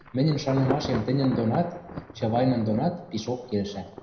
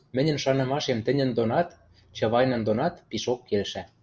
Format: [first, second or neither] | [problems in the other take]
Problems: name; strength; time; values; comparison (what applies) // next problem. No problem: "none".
second | background sound (Thunder / Traffic noise, roadway noise / Rain / Insect); 11 dB below the speech // room echo; dies away in 0.7 s